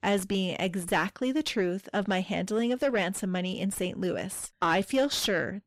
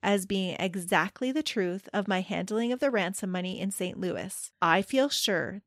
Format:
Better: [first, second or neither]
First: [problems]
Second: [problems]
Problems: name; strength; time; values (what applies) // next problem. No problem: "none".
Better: second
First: distortion; slight; 10 dB below the speech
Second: none